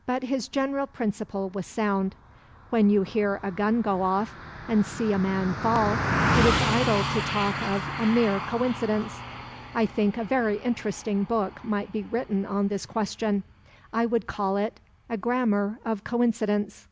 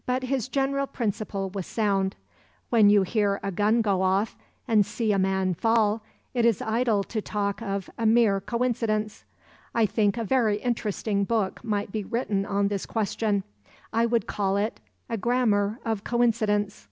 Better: second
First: background sound (Car passing by); 7 dB below the speech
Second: none

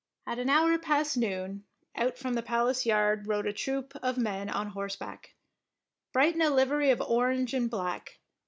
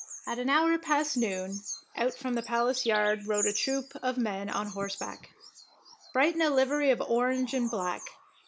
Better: first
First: none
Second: background sound (Bird vocalization, bird call, bird song); 13 dB below the speech

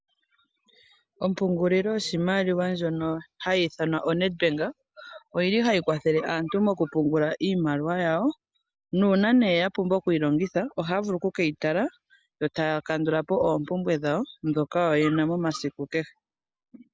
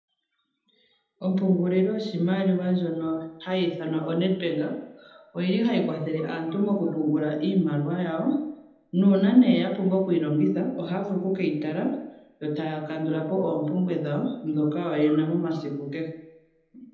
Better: first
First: none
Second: room echo; dies away in 0.8 s

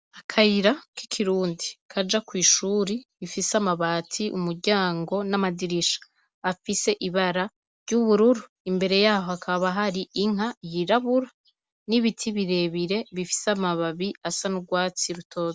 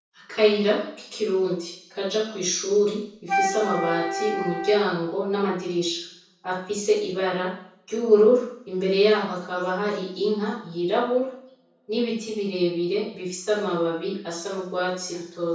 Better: first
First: none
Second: background sound (Wind instrument, woodwind instrument); 4 dB below the speech // room echo; dies away in 0.6 s

